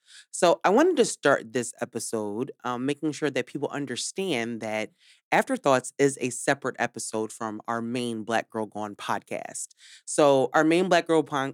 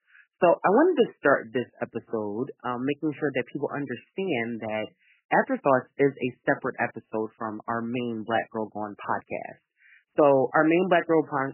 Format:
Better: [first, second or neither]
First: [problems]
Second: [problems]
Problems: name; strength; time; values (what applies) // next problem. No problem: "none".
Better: first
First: none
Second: garbled, watery; badly; nothing above 3 kHz